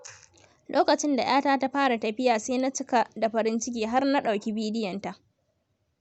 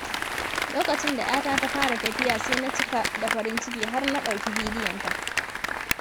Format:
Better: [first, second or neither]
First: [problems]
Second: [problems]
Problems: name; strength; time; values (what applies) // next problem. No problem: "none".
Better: first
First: none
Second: background sound (Applause); 1 dB above the speech